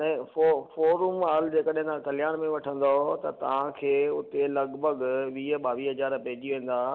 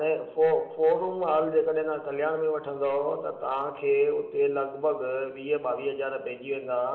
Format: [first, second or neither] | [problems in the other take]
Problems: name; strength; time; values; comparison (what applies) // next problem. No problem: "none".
first | room echo; dies away in 1.7 s